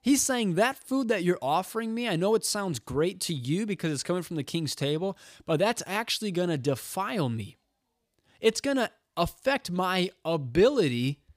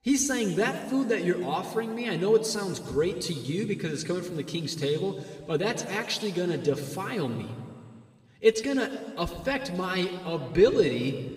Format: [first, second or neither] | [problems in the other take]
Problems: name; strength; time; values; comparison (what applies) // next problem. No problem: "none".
first | room echo; slight; dies away in 2 s // off-mic speech; somewhat distant